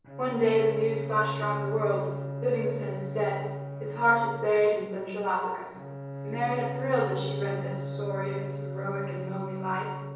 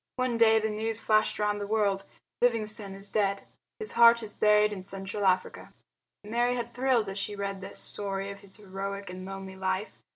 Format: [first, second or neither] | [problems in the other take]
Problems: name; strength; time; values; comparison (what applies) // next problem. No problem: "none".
second | background sound (Bowed string instrument); 6 dB below the speech // room echo; dies away in 1.1 s